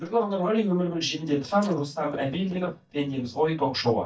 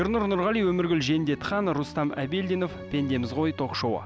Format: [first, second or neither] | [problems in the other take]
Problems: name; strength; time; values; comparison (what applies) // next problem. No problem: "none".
second | noise reduction (neural mask model DeepFilterNet 3)